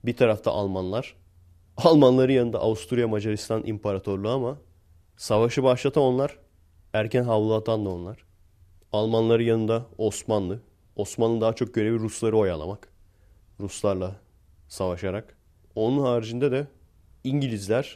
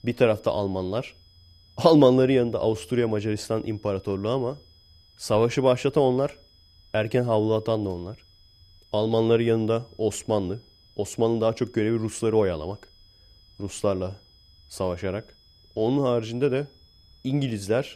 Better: first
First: none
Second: high-pitched whine; faint; throughout; 5 kHz, 30 dB below the speech

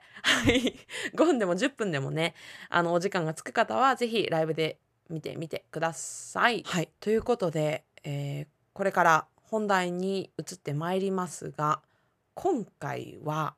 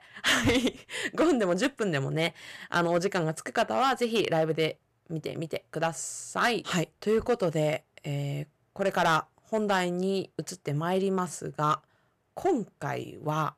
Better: first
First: none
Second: distortion; slight; 3% of the sound clipped

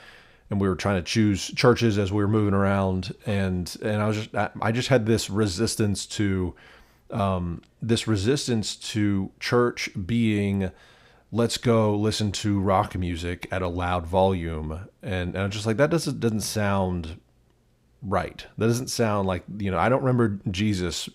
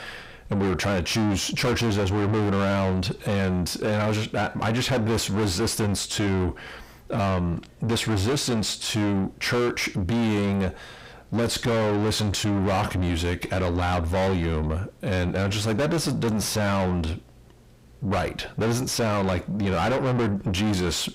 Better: first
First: none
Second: distortion; heavy; 5 dB below the speech

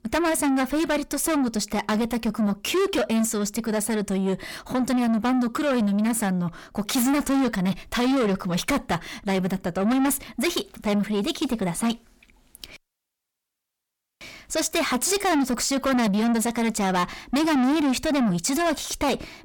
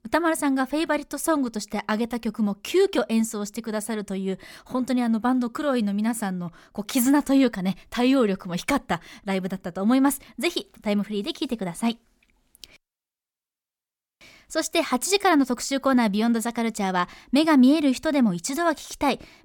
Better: second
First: distortion; heavy; 6 dB below the speech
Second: none

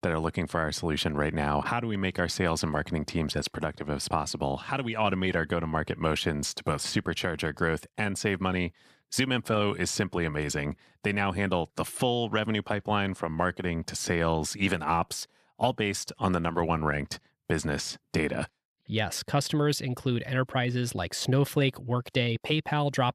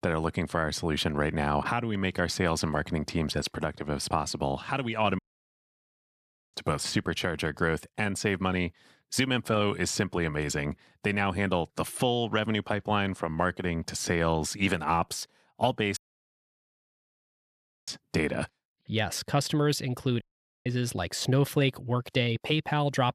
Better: first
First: none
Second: audio cutting out; at 5 s for 1.5 s, at 16 s for 2 s and at 20 s

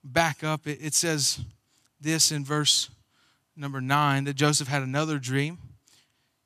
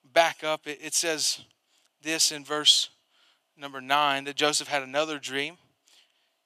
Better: first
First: none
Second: thin; very; fading below 450 Hz

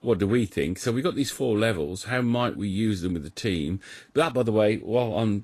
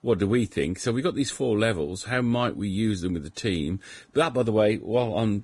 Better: first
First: garbled, watery; slightly; nothing above 12.5 kHz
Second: garbled, watery; badly; nothing above 10.5 kHz

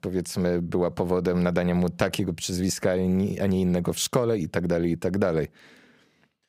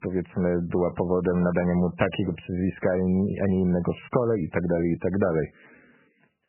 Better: first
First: none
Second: garbled, watery; badly; nothing above 3 kHz

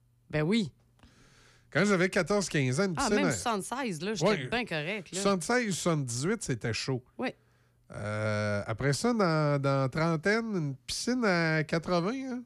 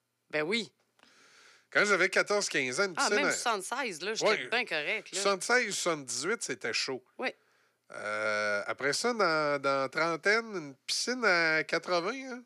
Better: first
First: none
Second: thin; somewhat; fading below 400 Hz

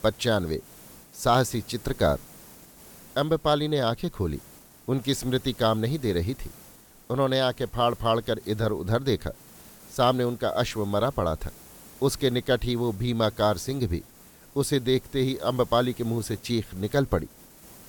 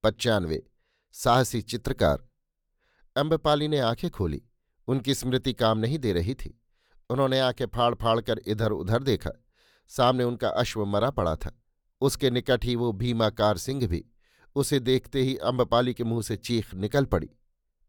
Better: second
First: hiss; faint; throughout; 20 dB below the speech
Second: none

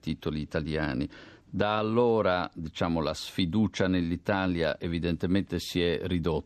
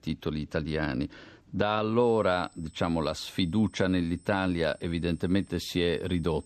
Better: first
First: none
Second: high-pitched whine; faint; from 2 s on; 8 kHz, 30 dB below the speech

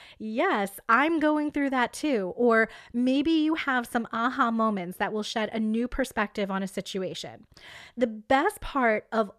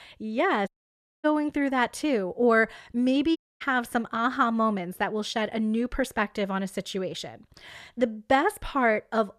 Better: first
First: none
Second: audio cutting out; at 0.5 s for 0.5 s and at 3.5 s

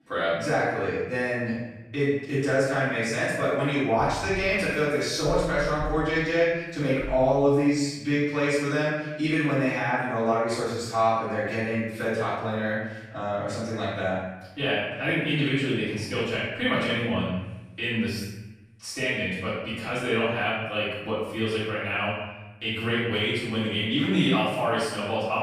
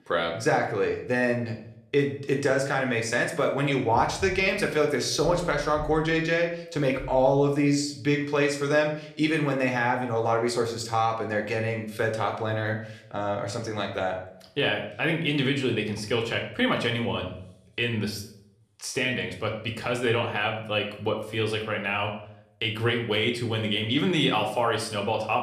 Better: second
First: room echo; strong; dies away in 1 s // off-mic speech; far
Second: room echo; slight; dies away in 0.5 s

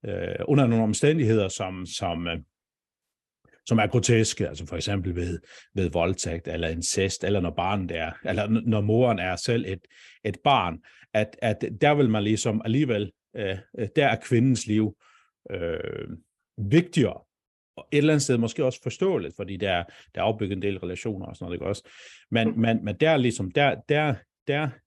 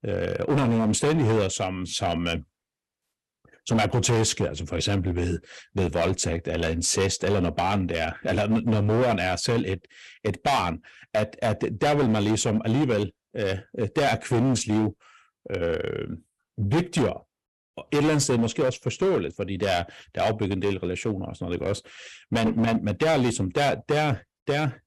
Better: first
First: none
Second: distortion; heavy; 11% of the sound clipped

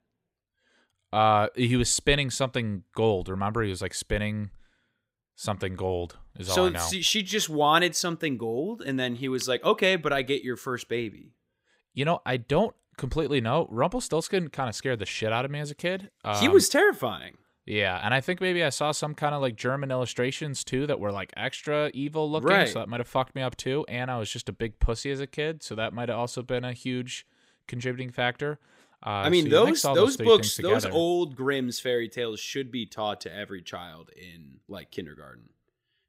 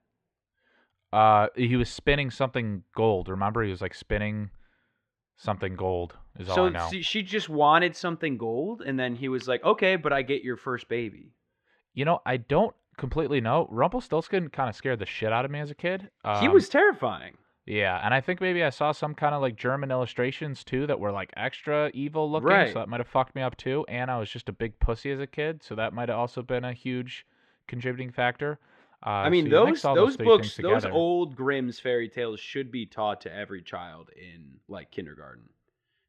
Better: first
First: none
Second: muffled; very; fading above 2.5 kHz

